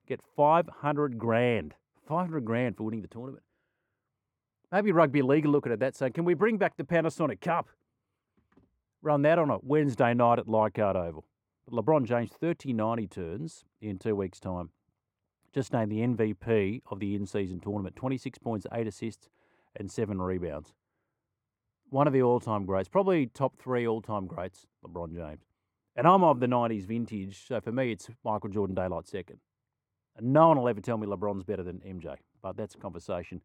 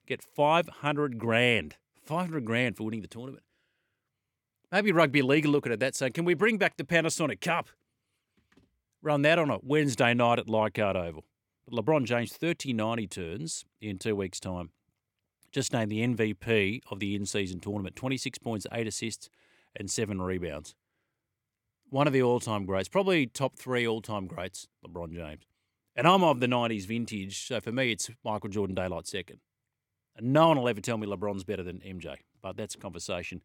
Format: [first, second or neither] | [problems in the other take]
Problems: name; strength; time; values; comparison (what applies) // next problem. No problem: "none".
second | muffled; very; fading above 2 kHz